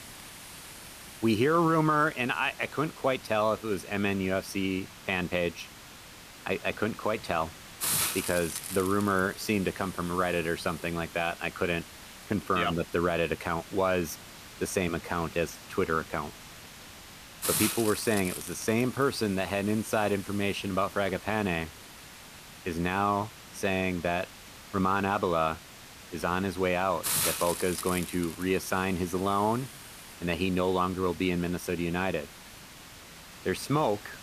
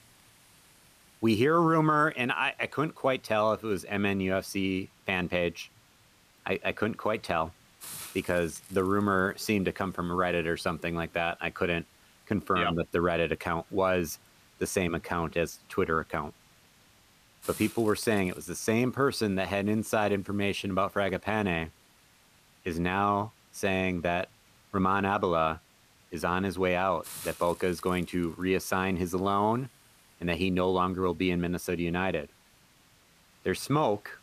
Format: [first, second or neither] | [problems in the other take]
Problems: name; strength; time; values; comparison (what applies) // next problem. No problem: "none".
second | hiss; loud; throughout; 9 dB below the speech; faint in the second